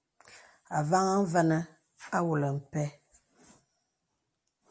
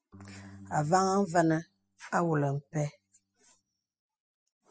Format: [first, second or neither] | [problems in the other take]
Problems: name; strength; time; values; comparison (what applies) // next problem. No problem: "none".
first | noise reduction (classical method spectral subtraction)